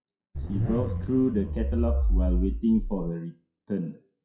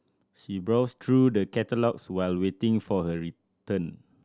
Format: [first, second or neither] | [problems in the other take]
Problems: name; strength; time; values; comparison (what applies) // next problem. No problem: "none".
second | noise reduction (classical method WPE with log-MMSE)